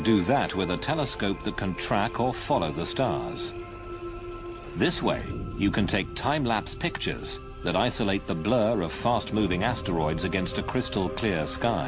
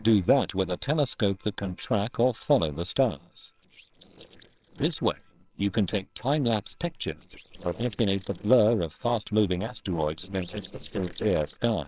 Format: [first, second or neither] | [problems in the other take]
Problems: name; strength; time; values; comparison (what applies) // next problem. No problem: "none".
first | noise reduction (neural separator model SepFormer WHAMR!)